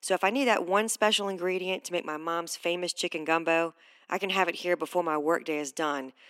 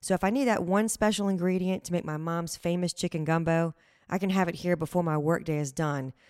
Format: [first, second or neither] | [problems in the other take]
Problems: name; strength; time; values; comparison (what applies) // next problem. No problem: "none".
second | thin; somewhat; fading below 250 Hz